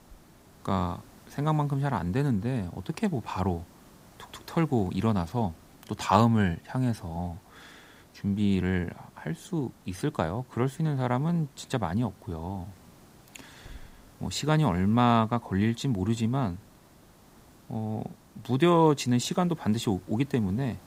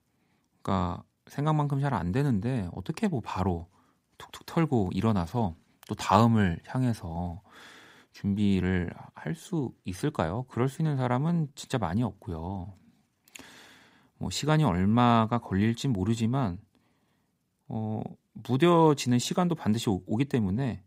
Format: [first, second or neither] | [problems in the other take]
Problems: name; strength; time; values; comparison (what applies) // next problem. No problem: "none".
second | hiss; faint; throughout; 25 dB below the speech